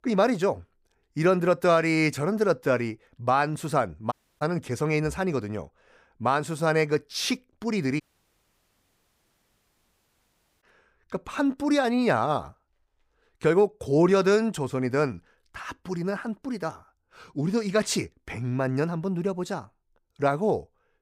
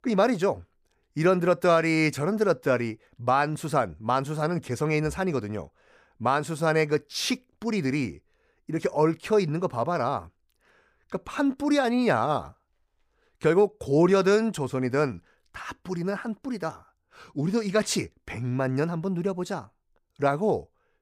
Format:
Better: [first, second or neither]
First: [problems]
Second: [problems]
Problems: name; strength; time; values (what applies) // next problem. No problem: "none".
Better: second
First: audio cutting out; at 4 s and at 8 s for 2.5 s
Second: none